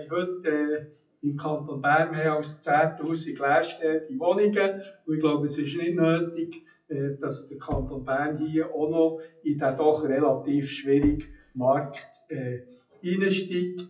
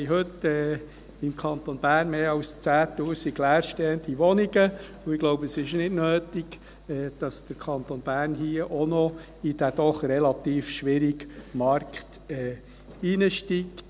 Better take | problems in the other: second | noise reduction (classical method WPE with log-MMSE)

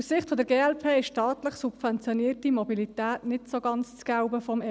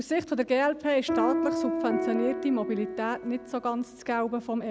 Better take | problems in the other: first | background sound (Piano); 4 dB below the speech

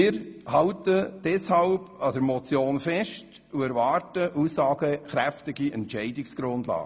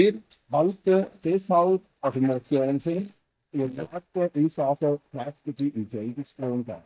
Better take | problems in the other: first | noise reduction (neural mask model DeepFilterNet 3)

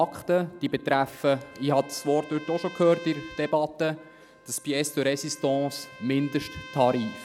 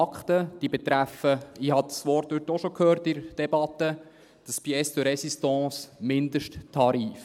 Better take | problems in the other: second | background sound (Trumpet); 20 dB below the speech

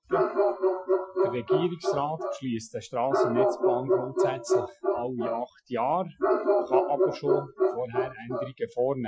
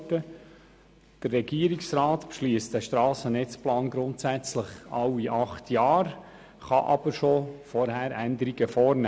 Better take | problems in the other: second | noise reduction (classical method Wiener filter)

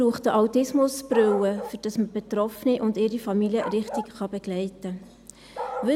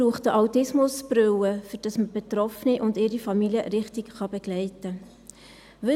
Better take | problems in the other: second | background sound (Bark); 14 dB below the speech

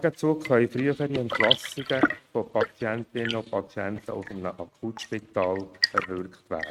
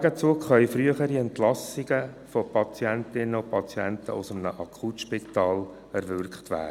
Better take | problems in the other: second | noise reduction (neural mask model RNNoise)

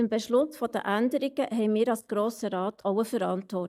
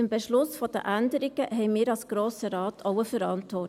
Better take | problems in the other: second | noise reduction (neural mask model DeepFilterNet 3)

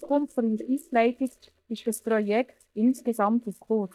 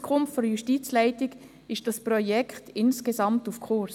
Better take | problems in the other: second | noise reduction (neural mask model DeepFilterNet 3)

